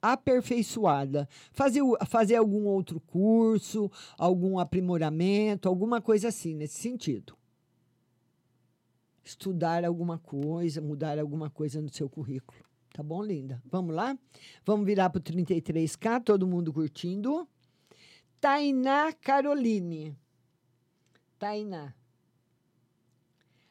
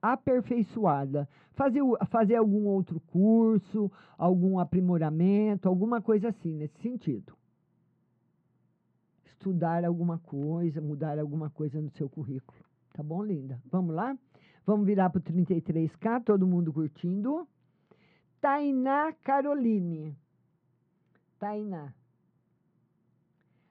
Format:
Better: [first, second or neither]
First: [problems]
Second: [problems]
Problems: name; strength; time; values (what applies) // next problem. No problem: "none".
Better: first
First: none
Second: muffled; very; fading above 1.5 kHz